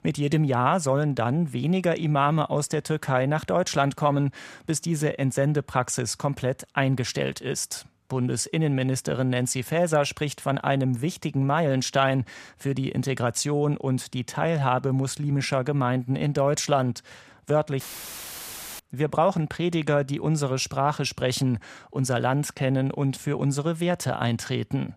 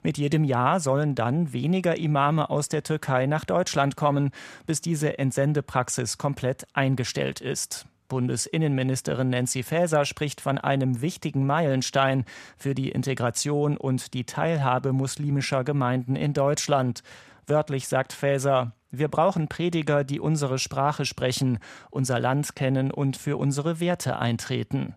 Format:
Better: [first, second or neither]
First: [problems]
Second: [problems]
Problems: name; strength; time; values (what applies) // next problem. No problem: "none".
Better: second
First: audio cutting out; filled with static; at 18 s for 1 s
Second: none